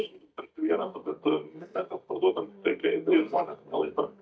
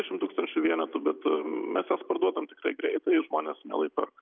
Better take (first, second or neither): second